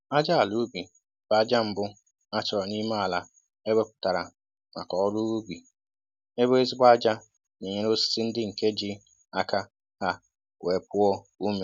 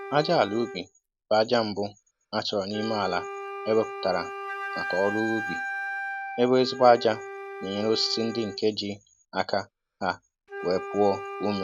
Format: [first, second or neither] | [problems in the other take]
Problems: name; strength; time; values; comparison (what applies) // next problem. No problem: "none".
first | background sound (Wind instrument, woodwind instrument); 10 dB below the speech